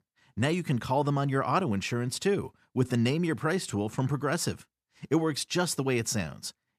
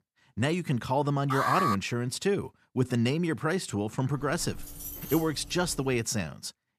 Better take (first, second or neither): first